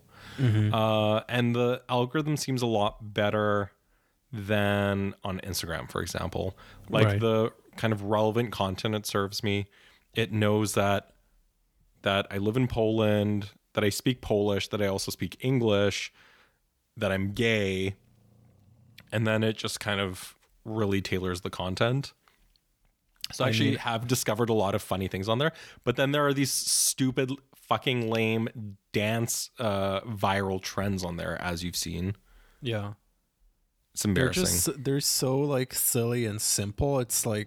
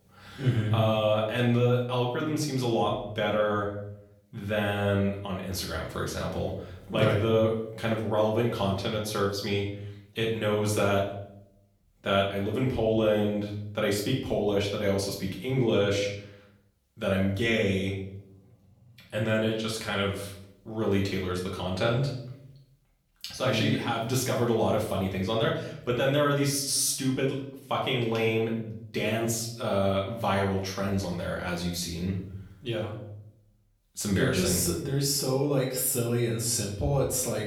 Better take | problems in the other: first | off-mic speech; far // room echo; noticeable; dies away in 0.6 s

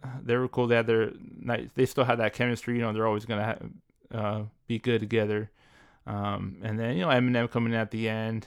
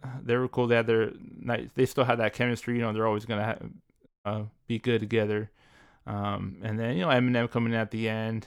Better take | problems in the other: first | audio cutting out; at 4 s

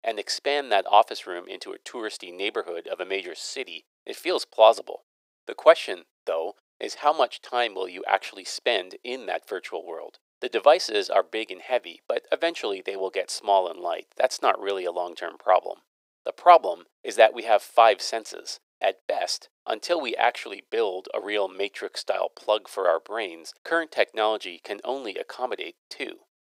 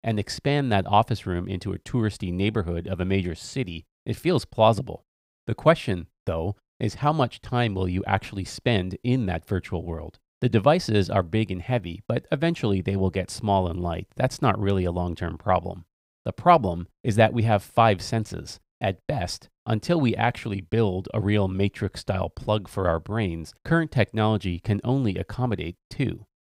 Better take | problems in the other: second | thin; very; fading below 400 Hz

